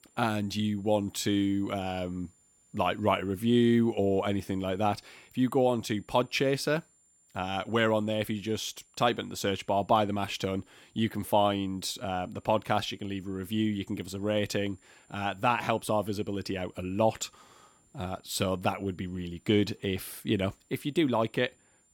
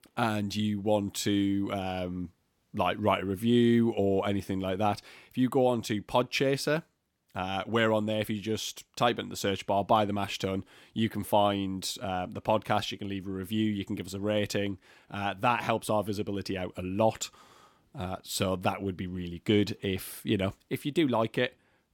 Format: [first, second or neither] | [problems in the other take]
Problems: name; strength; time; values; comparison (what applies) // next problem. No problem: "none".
second | high-pitched whine; faint; throughout; 7.5 kHz, 35 dB below the speech